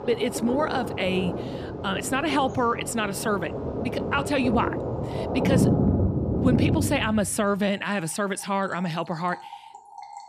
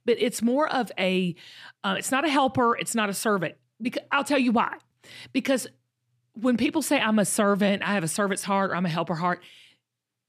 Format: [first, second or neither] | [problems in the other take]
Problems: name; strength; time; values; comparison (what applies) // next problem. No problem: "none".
second | rain or running water; loud; throughout; 1 dB below the speech